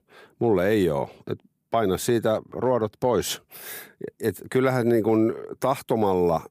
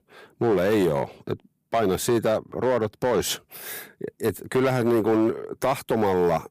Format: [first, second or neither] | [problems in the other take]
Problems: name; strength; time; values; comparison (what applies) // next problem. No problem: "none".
first | distortion; slight; 7% of the sound clipped